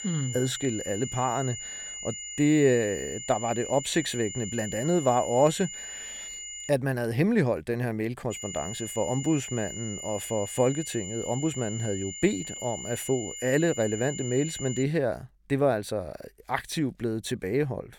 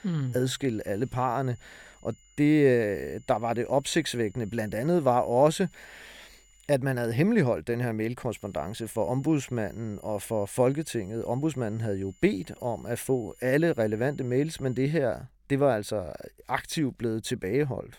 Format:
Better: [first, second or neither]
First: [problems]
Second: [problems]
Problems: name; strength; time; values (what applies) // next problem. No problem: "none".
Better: second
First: high-pitched whine; loud; until 6.5 s and from 8.5 to 15 s; 7 kHz, 8 dB below the speech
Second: high-pitched whine; faint; until 6.5 s and from 8.5 to 15 s; 7 kHz, 30 dB below the speech